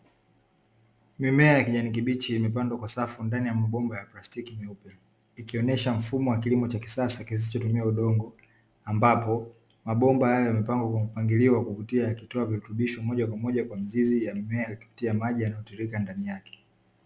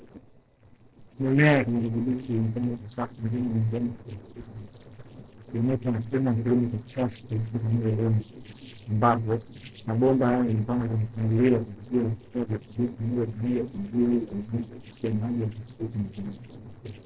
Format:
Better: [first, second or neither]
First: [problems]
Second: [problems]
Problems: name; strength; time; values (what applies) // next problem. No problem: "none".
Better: first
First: none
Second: noise reduction (neural separator model SepFormer DNS4)